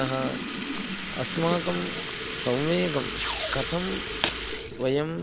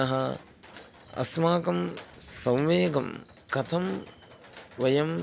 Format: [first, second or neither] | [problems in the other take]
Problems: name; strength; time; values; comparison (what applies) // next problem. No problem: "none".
second | background sound (Sink (filling or washing) / Liquid + Packing tape, duct tape); 3 dB below the speech